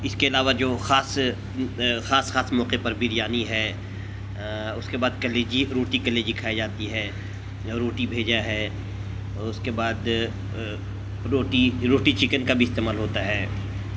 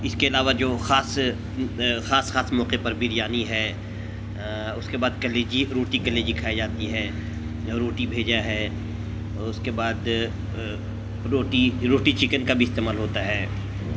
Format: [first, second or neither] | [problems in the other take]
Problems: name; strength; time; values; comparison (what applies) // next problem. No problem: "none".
first | background sound (Brass instrument); 11 dB below the speech